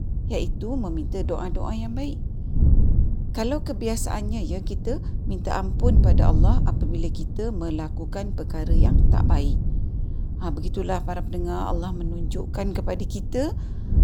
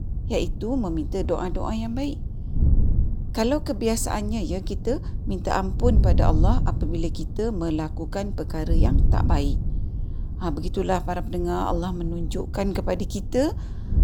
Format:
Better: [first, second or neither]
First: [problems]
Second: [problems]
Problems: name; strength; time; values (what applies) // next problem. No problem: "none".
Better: second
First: wind noise on the microphone; heavy; 8 dB below the speech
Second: wind noise on the microphone; occasional gusts; 15 dB below the speech